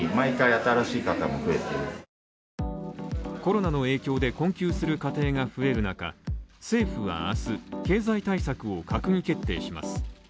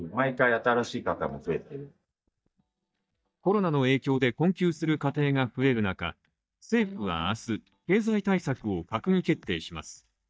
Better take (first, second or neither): first